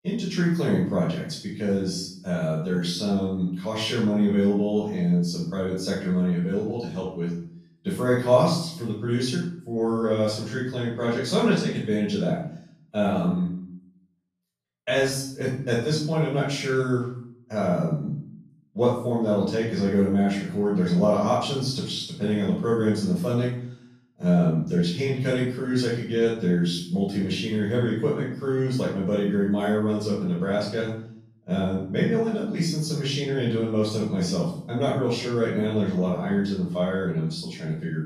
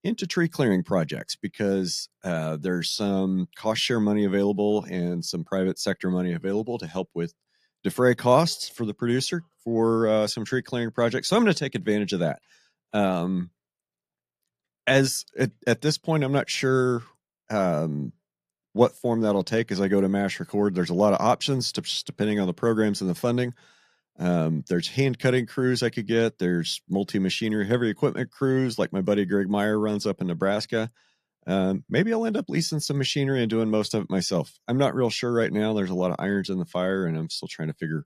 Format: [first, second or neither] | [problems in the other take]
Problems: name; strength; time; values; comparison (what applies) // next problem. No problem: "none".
second | off-mic speech; far // room echo; noticeable; dies away in 0.6 s